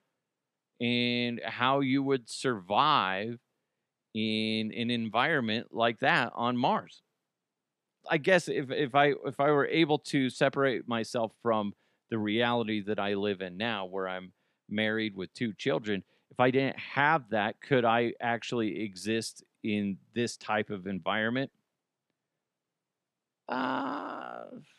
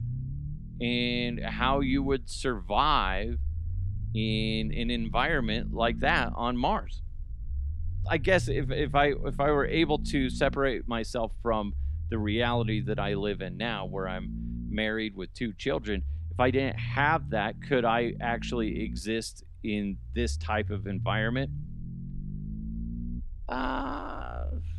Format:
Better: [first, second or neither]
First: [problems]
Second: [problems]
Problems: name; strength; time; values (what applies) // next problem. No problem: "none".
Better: first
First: none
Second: low rumble; noticeable; throughout; 20 dB below the speech